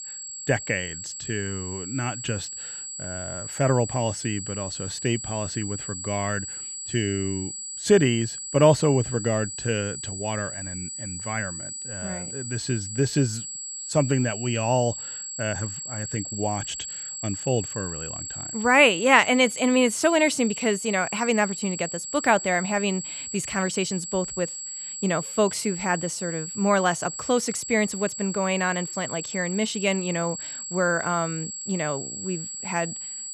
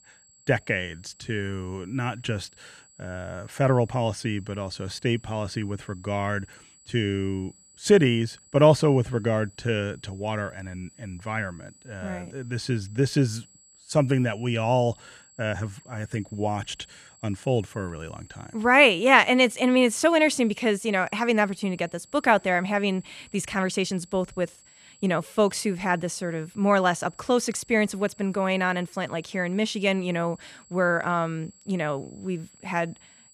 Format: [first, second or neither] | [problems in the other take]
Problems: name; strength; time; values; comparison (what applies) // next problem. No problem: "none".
second | high-pitched whine; loud; throughout; 7.5 kHz, 7 dB below the speech; faint in the second